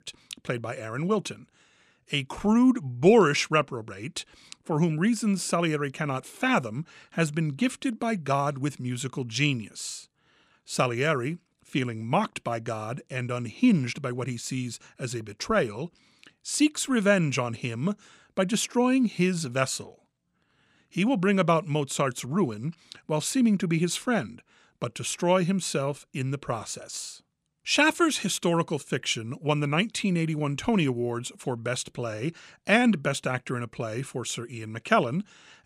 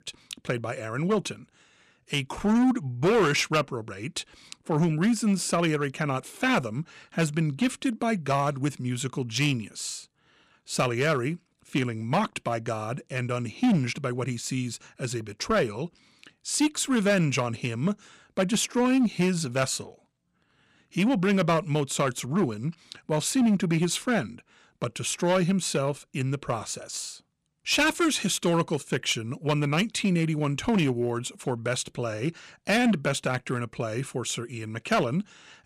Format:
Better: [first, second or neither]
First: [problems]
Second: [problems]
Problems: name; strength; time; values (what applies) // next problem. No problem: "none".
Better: first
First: none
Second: distortion; slight; 5% of the sound clipped